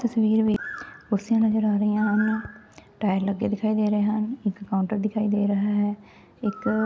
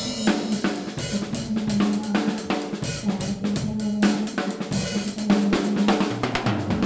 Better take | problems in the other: first | background sound (Drum / Drum kit); 1 dB above the speech // room echo; dies away in 0.6 s

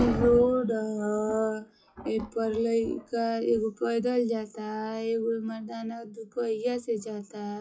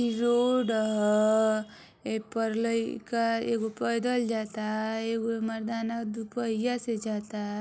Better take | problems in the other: second | noise reduction (classical method WPE with log-MMSE)

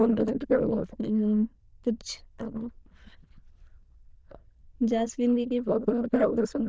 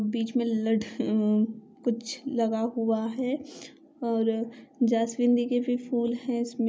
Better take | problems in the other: second | noise reduction (neural diffusion model UNIVERSE++)

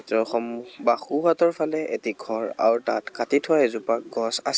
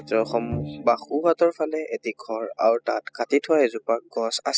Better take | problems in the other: first | noise reduction (classical method spectral subtraction)

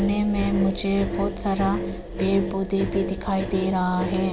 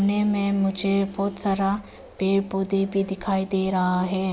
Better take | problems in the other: second | background sound (Engine); 5 dB below the speech

